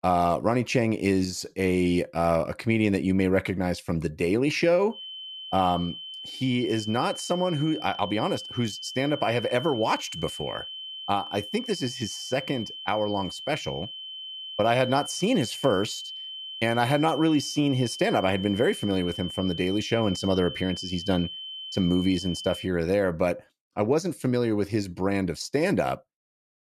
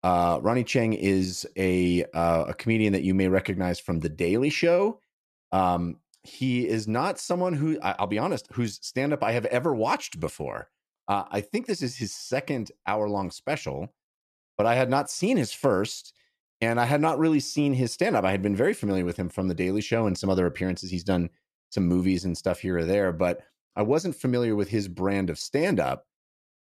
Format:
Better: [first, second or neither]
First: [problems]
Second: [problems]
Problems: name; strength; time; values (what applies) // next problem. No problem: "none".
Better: second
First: high-pitched whine; loud; from 5 to 23 s; 3 kHz, 10 dB below the speech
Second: none